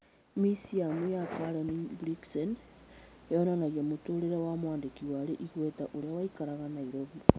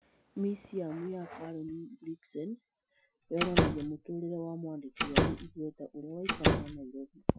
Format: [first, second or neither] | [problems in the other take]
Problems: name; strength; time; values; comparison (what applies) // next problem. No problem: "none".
first | noise reduction (classical method Wiener filter)